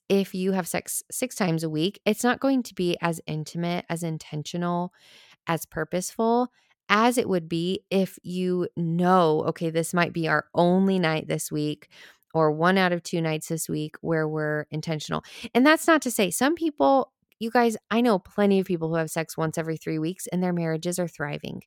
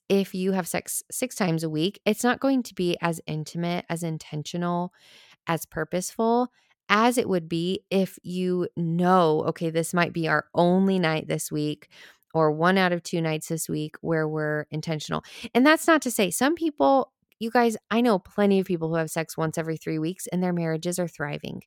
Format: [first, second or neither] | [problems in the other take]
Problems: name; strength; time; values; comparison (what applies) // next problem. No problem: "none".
neither | none